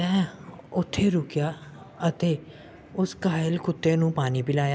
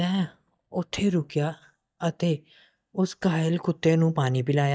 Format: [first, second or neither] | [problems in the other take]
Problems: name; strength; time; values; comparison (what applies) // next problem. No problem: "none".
first | noise reduction (neural mask model DeepFilterNet 3)